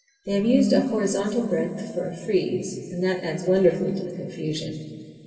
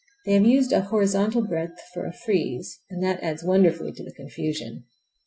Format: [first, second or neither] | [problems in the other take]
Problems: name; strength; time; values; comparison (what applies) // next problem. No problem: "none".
second | room echo; dies away in 2.7 s